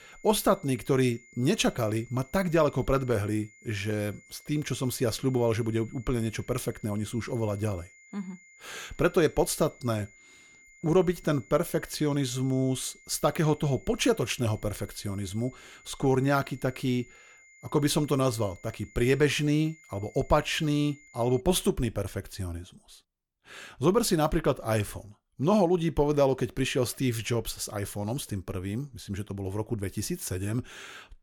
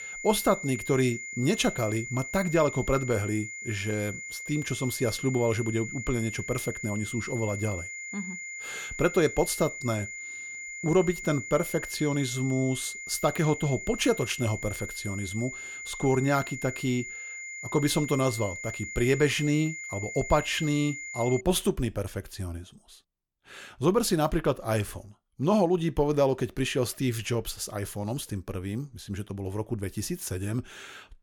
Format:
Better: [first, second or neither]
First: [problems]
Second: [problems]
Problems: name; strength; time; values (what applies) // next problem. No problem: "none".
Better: first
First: high-pitched whine; faint; until 21 s; 2 kHz, 25 dB below the speech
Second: high-pitched whine; loud; until 21 s; 2 kHz, 8 dB below the speech